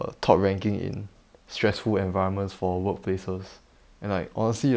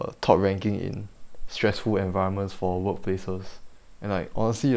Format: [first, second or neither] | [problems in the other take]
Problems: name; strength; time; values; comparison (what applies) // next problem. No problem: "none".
first | background sound (Cricket / Frog); 10 dB below the speech